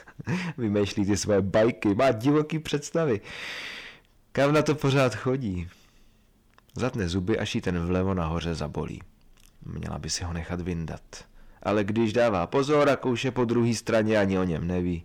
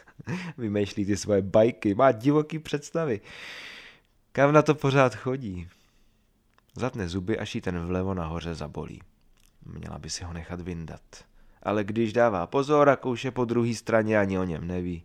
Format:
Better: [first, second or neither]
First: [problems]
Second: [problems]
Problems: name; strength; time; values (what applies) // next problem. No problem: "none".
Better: second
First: distortion; heavy; 8 dB below the speech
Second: none